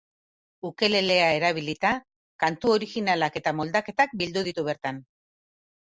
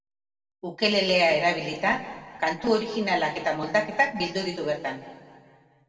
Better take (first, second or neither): first